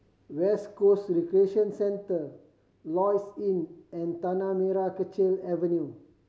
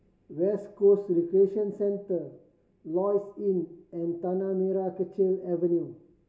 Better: first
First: none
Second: room echo; dies away in 0.2 s

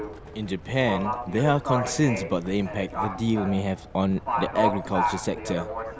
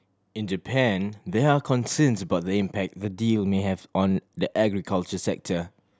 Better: second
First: background sound (Livestock, farm animals, working animals); 4 dB below the speech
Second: none

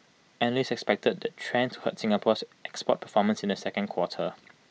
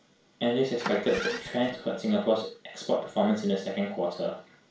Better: first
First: none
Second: background sound (Engine starting); 9 dB below the speech // room echo; dies away in 0.3 s

